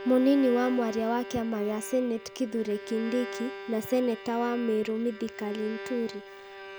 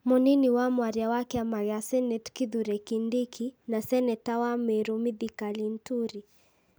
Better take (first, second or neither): second